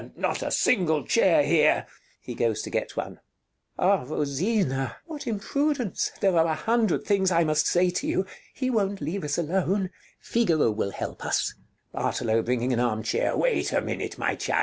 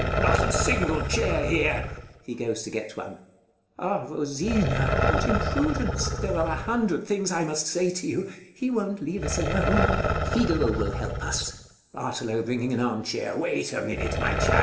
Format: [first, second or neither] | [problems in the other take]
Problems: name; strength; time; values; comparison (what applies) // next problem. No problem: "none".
first | background sound (Growling); 1 dB below the speech // room echo; dies away in 0.8 s